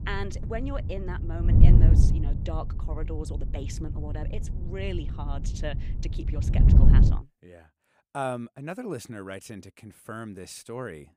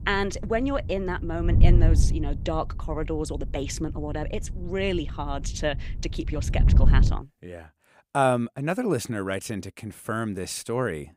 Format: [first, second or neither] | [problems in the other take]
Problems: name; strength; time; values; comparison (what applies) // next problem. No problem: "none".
second | wind noise on the microphone; heavy; until 7 s; 2 dB below the speech; occasional gusts in the second